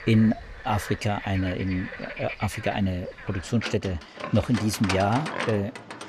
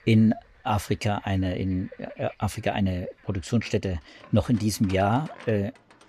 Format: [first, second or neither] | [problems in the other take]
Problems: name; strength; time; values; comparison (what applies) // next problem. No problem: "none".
second | animal sounds; loud; throughout; 9 dB below the speech; faint in the second